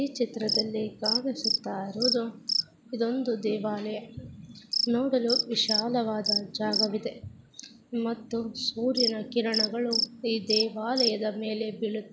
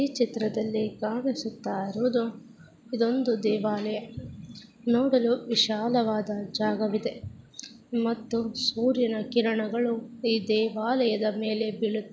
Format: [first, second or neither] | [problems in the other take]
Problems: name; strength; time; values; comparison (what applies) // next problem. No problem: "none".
second | background sound (Cricket); 3 dB below the speech